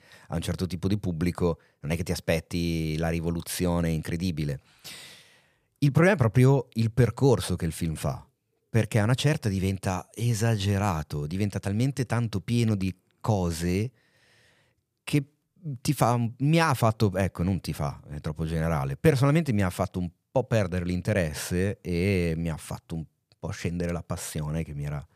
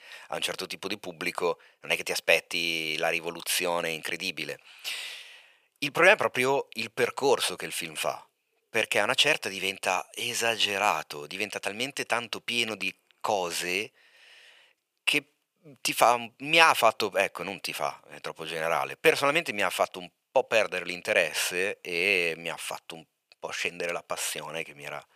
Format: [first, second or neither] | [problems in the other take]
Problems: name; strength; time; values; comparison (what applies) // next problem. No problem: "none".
first | thin; very; fading below 650 Hz